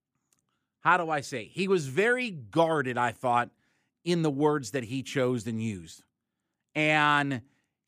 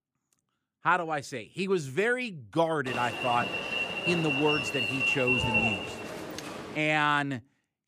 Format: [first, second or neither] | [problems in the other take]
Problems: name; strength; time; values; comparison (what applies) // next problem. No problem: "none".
first | alarm; loud; from 3 to 7 s; peak 5 dB above the speech